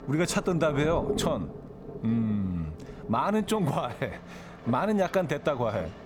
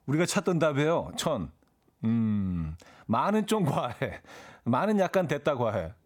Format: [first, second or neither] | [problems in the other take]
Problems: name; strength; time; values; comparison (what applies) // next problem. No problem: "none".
second | rain or running water; noticeable; throughout; 10 dB below the speech